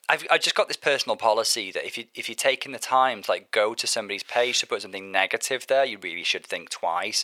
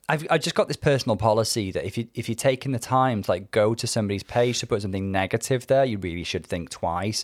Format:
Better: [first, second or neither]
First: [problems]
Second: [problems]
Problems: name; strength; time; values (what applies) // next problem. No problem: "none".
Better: second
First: thin; very; fading below 600 Hz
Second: none